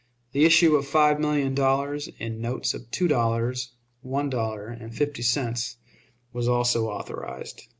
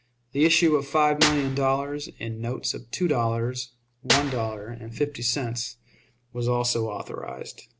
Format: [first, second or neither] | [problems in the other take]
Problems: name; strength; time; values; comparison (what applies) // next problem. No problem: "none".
first | background sound (Clapping / Drum kit); 6 dB below the speech